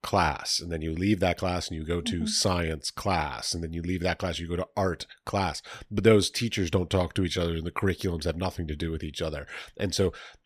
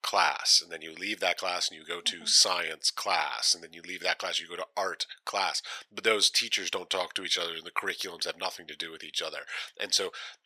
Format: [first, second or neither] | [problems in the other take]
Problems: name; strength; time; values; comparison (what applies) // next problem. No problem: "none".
first | thin; very; fading below 750 Hz